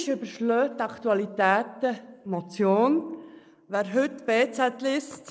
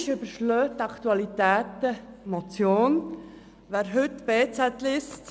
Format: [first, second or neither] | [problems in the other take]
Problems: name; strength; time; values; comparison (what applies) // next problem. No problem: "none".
second | noise reduction (neural mask model Resemble Enhance denoiser)